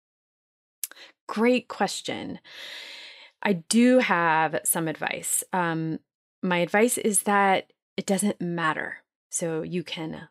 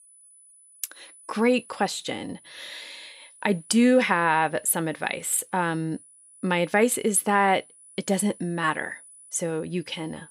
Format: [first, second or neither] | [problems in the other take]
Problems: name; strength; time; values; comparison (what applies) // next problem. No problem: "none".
first | high-pitched whine; faint; throughout; 10 kHz, 25 dB below the speech